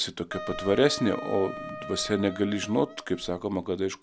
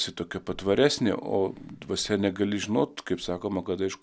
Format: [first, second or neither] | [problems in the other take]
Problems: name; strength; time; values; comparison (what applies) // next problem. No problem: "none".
second | background sound (Wind instrument, woodwind instrument); 12 dB below the speech